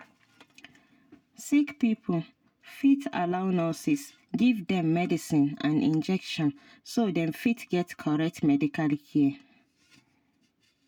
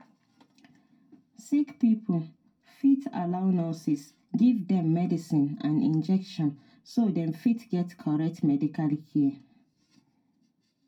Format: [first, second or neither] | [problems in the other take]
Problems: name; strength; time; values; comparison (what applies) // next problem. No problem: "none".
first | room echo; dies away in 0.2 s